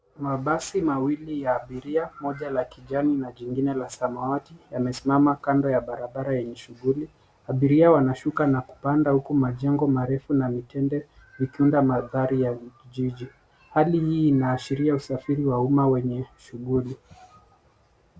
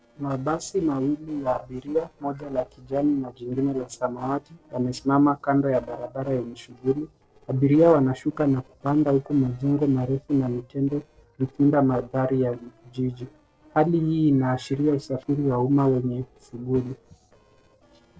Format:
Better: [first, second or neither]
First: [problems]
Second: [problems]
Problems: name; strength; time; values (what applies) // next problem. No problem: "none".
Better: first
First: none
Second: noise reduction (neural separator model SepFormer DNS4)